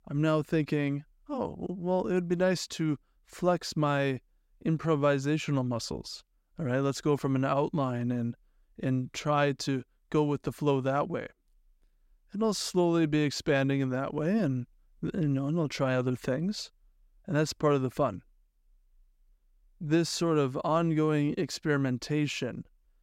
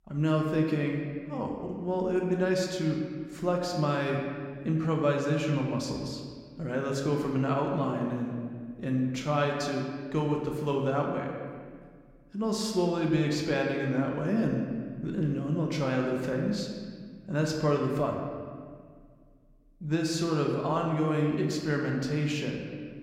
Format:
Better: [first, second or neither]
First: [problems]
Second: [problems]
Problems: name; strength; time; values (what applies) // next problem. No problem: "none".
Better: first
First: none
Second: room echo; noticeable; dies away in 1.6 s // off-mic speech; somewhat distant